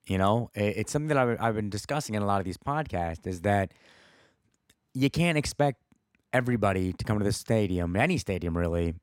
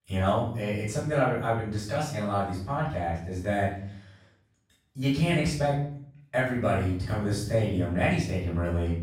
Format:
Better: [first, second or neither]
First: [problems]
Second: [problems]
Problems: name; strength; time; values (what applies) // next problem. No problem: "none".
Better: first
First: none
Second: off-mic speech; far // room echo; noticeable; dies away in 0.6 s